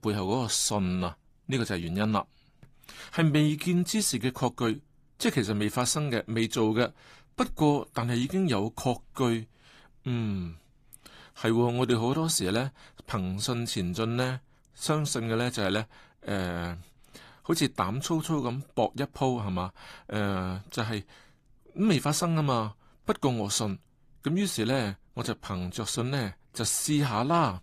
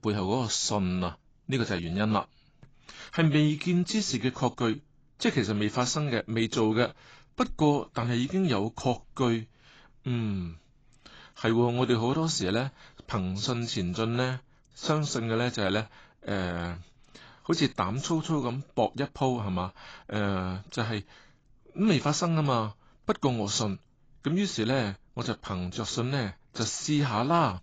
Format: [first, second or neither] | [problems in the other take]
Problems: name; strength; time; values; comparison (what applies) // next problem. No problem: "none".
first | garbled, watery; badly; nothing above 7.5 kHz; slightly in the first